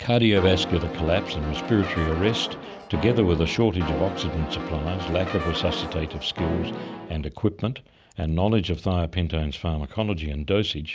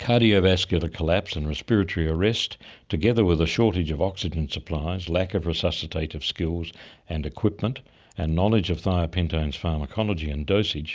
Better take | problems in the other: second | background sound (Brass instrument); 7 dB below the speech

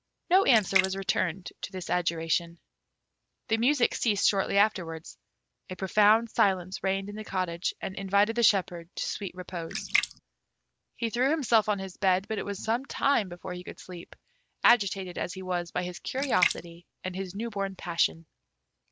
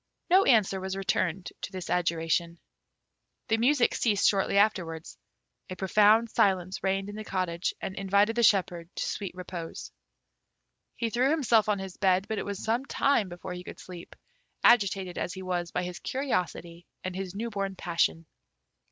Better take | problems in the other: second | background sound (Splash, splatter); 7 dB below the speech

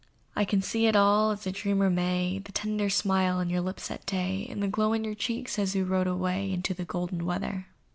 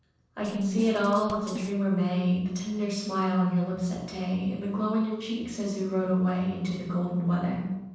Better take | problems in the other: first | noise reduction (neural separator model SepFormer DNS4)

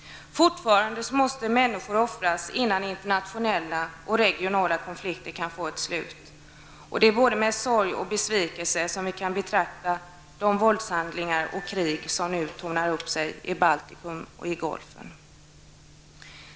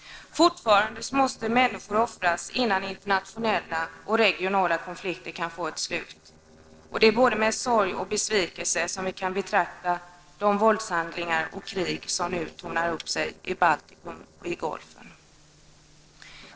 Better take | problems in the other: first | noise reduction (neural separator model SepFormer DNS4)

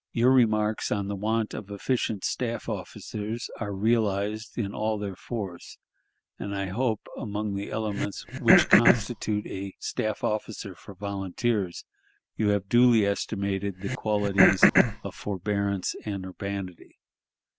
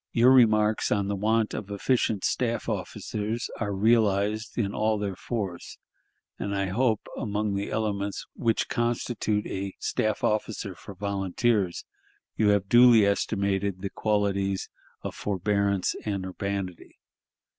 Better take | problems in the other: second | background sound (Cough); 3 dB above the speech

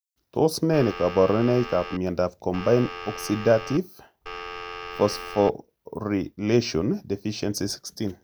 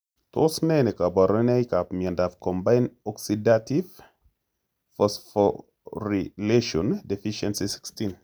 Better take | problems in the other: second | background sound (Telephone); 11 dB below the speech

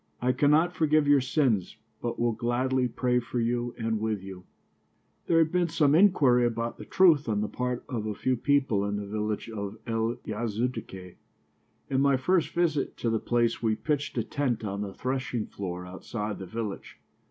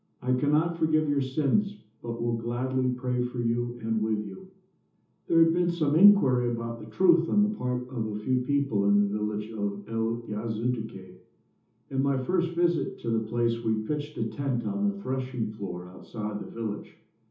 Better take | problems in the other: first | room echo; dies away in 0.6 s

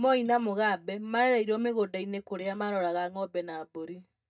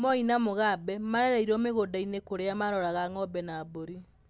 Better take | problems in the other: second | noise reduction (neural mask model DeepFilterNet 3)

